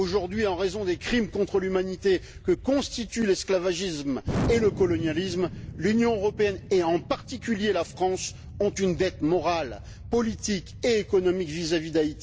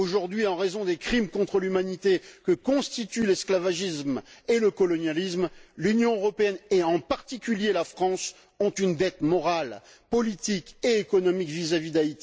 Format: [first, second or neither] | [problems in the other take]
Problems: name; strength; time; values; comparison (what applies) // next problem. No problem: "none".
second | background sound (Explosion); 12 dB below the speech